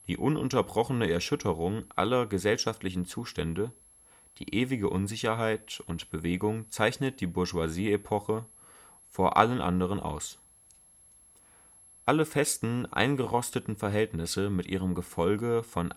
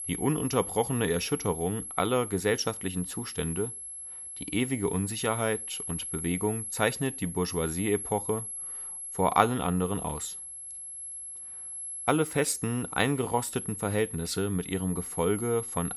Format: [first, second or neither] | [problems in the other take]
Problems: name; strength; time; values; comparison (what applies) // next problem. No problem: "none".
first | high-pitched whine; loud; throughout; 11 kHz, 6 dB below the speech; faint in the first